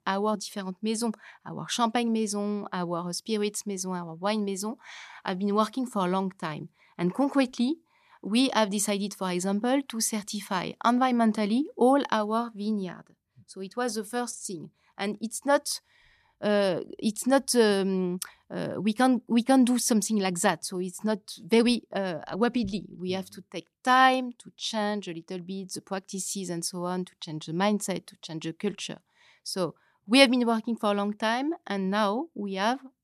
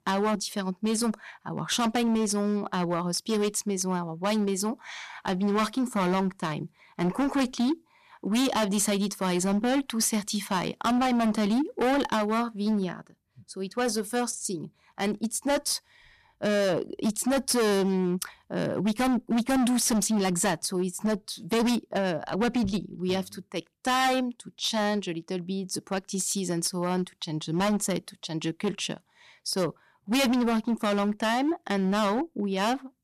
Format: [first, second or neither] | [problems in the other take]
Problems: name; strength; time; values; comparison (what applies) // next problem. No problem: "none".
first | distortion; heavy; 14% of the sound clipped